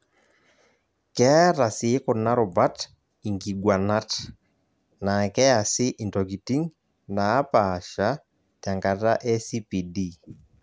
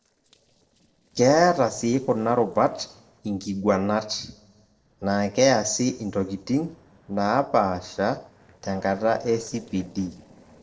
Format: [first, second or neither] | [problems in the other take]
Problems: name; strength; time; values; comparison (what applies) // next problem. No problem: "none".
first | noise reduction (neural separator model SepFormer DNS4)